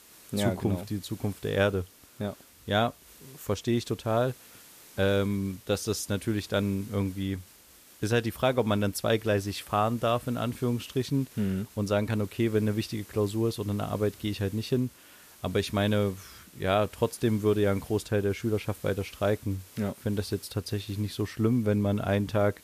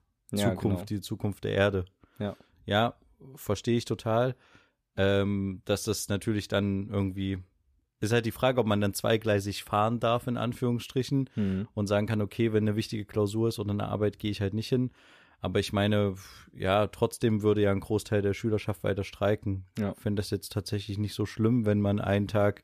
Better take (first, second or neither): second